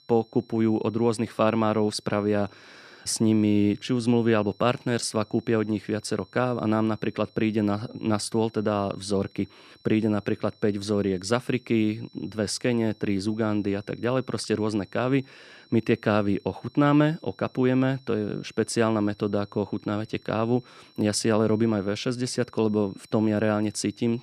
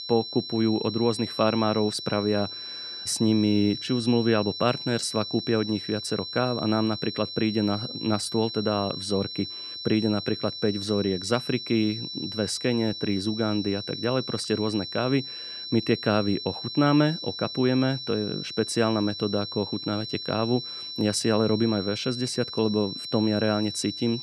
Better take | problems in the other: first | high-pitched whine; loud; throughout; 4 kHz, 7 dB below the speech; faint in the first

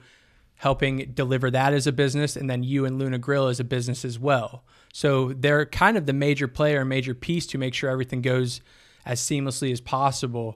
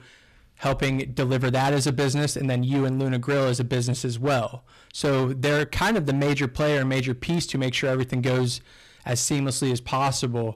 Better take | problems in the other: first | distortion; heavy; 17% of the sound clipped

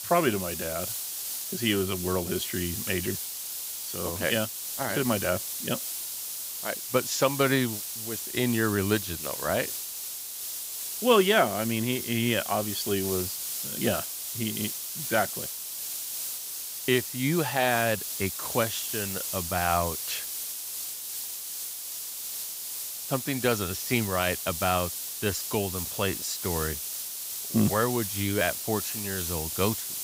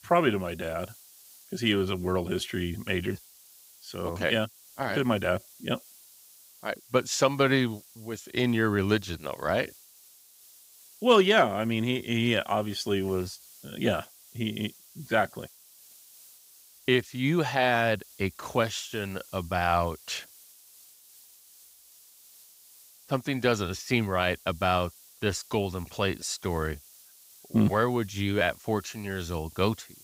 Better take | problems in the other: second | hiss; loud; throughout; 3 dB below the speech; faint in the second

